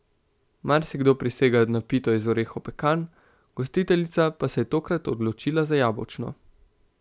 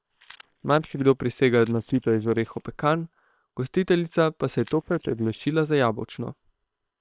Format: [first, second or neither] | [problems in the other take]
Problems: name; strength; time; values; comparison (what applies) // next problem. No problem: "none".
first | noise reduction (neural separator model SepFormer WHAM!)